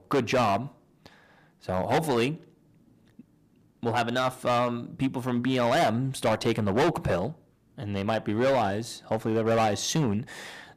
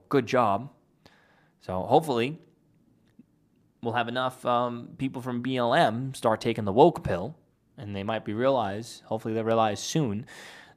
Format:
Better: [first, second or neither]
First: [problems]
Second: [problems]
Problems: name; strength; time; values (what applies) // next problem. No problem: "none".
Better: second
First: distortion; heavy; 8% of the sound clipped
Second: none